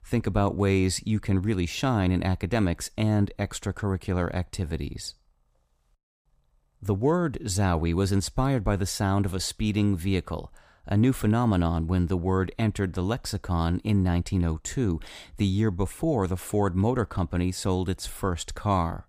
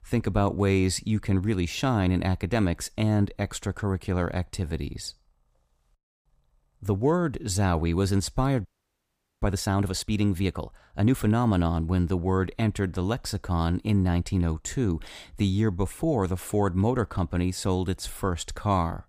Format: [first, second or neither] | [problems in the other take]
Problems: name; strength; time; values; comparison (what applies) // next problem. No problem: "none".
first | audio freezing; at 8.5 s for 1 s